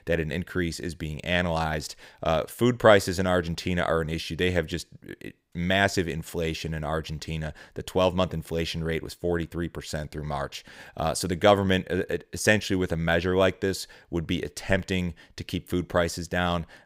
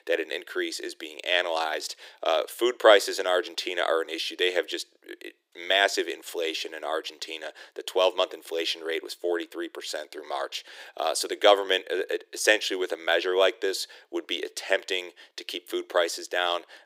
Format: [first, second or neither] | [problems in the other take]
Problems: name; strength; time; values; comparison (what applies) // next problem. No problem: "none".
first | thin; very; fading below 350 Hz